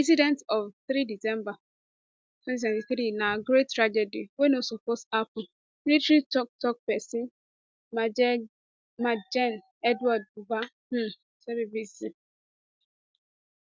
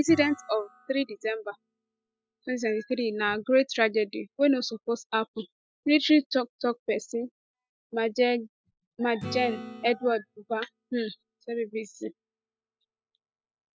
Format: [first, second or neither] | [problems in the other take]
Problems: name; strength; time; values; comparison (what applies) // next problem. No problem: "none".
first | noise reduction (classical method spectral subtraction)